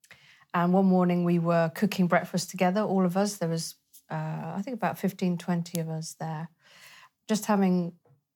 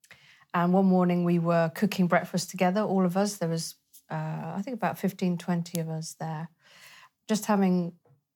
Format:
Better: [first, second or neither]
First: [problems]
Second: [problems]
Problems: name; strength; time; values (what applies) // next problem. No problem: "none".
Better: neither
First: none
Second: none